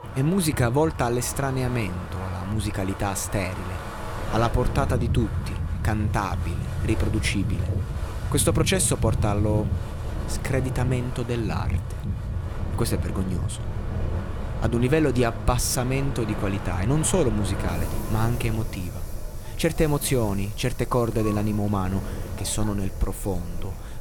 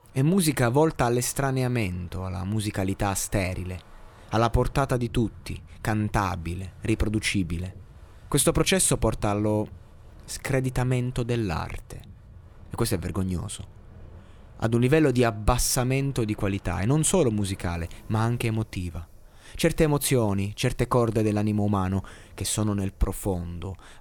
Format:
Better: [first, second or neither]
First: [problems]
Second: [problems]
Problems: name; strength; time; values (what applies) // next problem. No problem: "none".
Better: second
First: wind in the background; loud; throughout; 5 dB below the speech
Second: wind in the background; faint; throughout; 25 dB below the speech